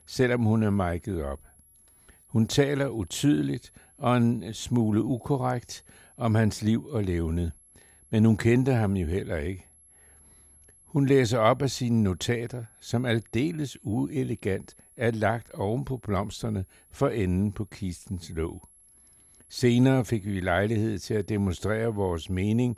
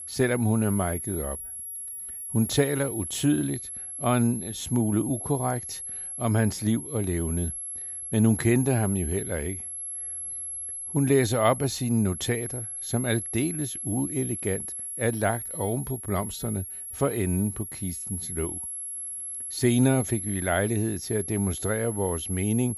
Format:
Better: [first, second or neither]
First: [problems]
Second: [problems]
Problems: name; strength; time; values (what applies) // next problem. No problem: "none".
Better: first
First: high-pitched whine; faint; throughout; 11 kHz, 30 dB below the speech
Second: high-pitched whine; loud; throughout; 11 kHz, 6 dB below the speech